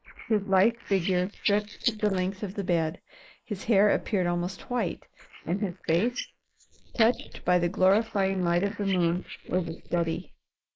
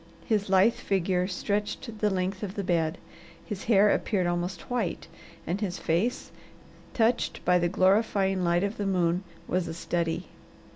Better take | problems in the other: second | noise reduction (neural mask model Resemble Enhance denoiser)

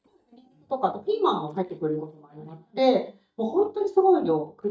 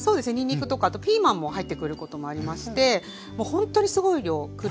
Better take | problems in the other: second | noise reduction (neural mask model DeepFilterNet 3)

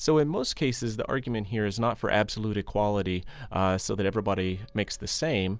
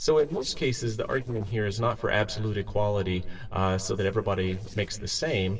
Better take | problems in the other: first | noise reduction (neural separator model SepFormer DNS4)

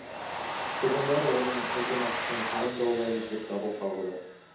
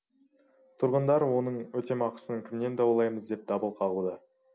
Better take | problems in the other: second | background sound (Domestic sounds, home sounds); 3 dB below the speech // room echo; dies away in 1.2 s

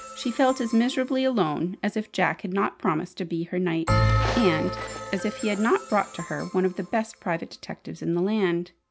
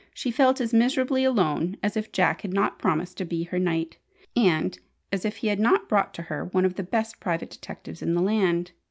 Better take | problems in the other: second | background sound (Bell); 6 dB below the speech

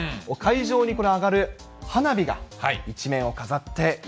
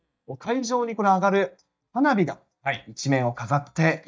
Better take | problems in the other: first | noise reduction (neural mask model DeepFilterNet 3)

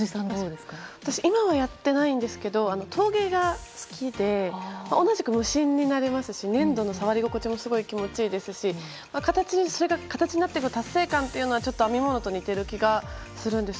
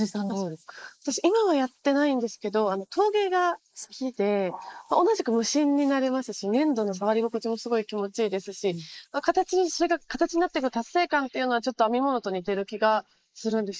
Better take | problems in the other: first | noise reduction (neural mask model Resemble Enhance denoiser)

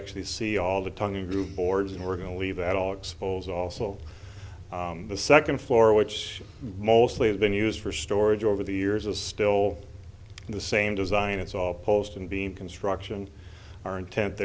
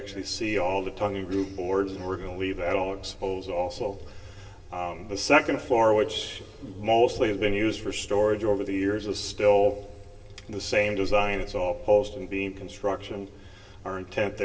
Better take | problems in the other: first | room echo; dies away in 2.9 s

